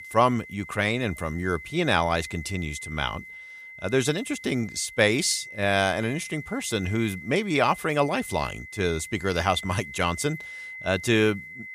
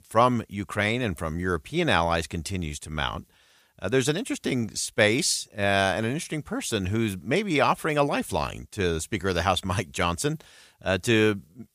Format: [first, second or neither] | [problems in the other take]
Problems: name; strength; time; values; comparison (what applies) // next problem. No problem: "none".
second | high-pitched whine; noticeable; throughout; 2 kHz, 15 dB below the speech